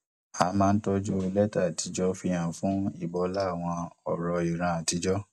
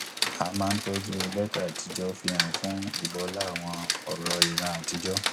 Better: first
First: none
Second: background sound (Rain); as loud as the speech

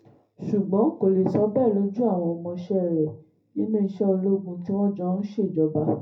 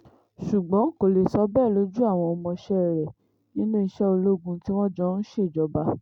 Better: second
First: room echo; dies away in 0.3 s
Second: none

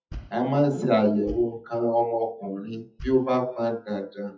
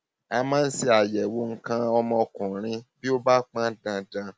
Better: second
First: noise reduction (classical method WPE with log-MMSE)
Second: none

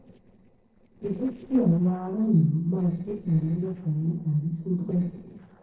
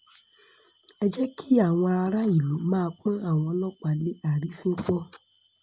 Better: second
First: noise reduction (neural separator model SepFormer DNS4)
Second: none

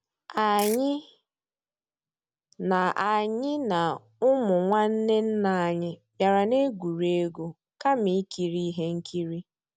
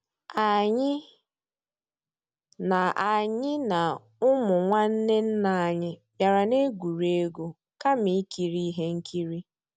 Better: second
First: background sound (Ratchet, pawl / Percussion); 12 dB below the speech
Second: none

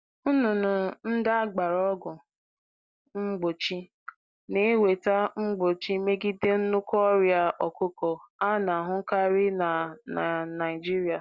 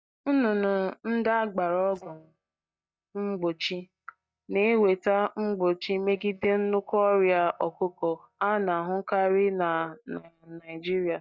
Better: first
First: none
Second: noise reduction (neural mask model DeepFilterNet 3)

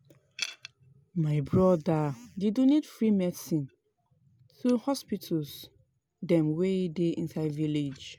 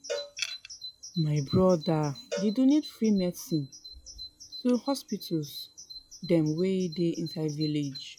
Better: first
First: none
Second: noise reduction (classical method log-MMSE)

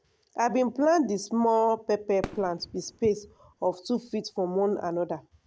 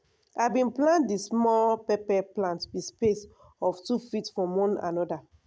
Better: second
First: background sound (Fireworks); 18 dB below the speech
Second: none

